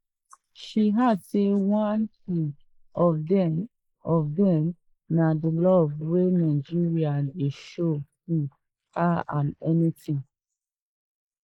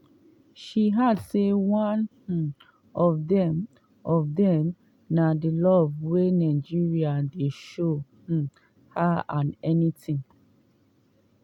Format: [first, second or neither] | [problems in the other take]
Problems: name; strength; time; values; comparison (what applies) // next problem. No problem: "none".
second | noise reduction (neural mask model Resemble Enhance denoiser)